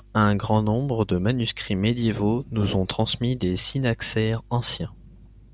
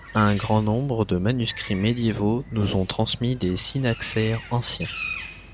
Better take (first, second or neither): first